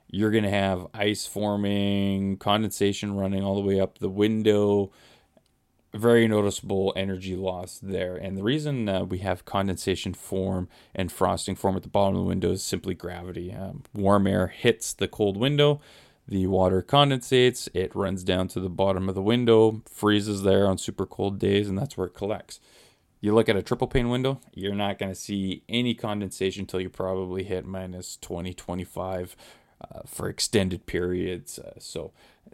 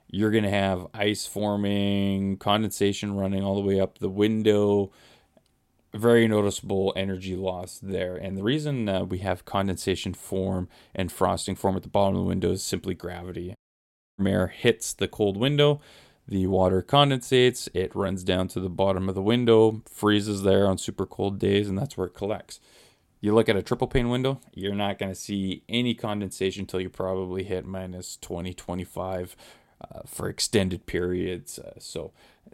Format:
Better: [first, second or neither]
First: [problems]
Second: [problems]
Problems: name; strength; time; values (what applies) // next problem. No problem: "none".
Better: first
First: none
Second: audio cutting out; at 14 s for 0.5 s